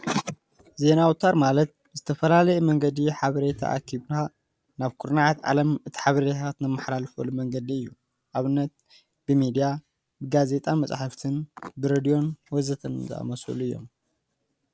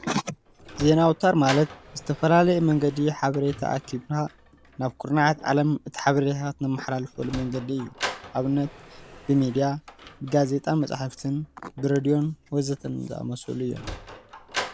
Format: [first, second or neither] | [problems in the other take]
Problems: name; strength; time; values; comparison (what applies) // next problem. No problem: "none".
first | background sound (Sliding door); 16 dB below the speech